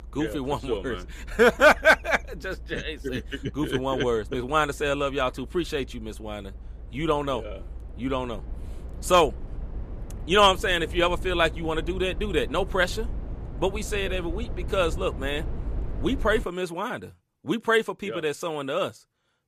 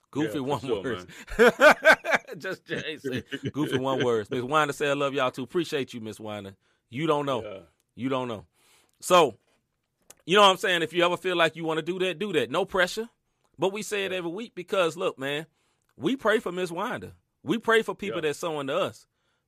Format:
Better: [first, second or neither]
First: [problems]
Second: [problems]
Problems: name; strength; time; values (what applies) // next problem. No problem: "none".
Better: second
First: low rumble; faint; until 16 s; 25 dB below the speech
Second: none